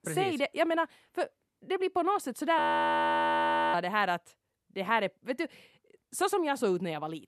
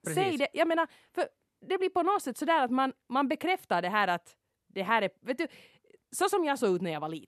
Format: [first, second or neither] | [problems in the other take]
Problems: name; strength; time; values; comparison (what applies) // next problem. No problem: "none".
second | audio freezing; at 2.5 s for 1 s